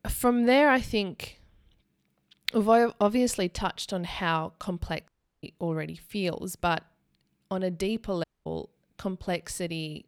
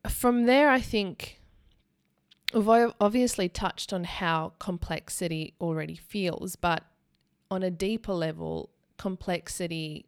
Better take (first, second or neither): second